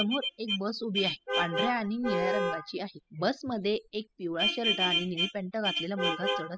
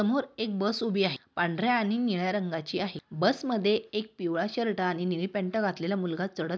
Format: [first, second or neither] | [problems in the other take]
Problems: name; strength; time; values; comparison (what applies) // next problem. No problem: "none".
second | noise reduction (classical method spectral subtraction)